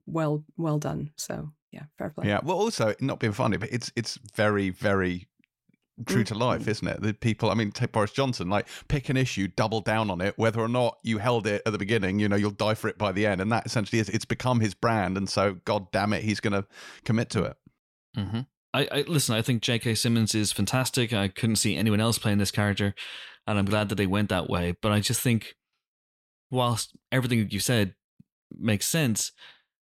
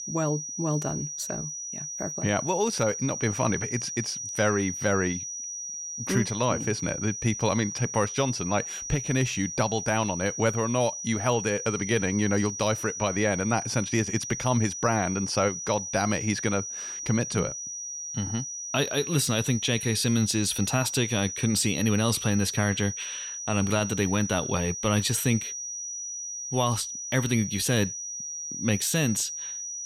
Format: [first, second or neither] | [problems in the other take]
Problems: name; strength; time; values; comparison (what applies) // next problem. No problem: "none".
first | high-pitched whine; loud; throughout; 6 kHz, 6 dB below the speech